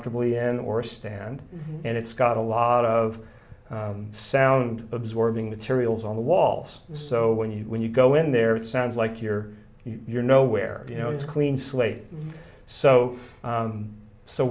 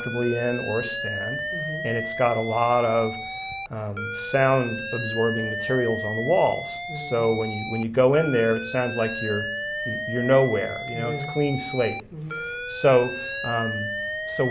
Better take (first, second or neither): first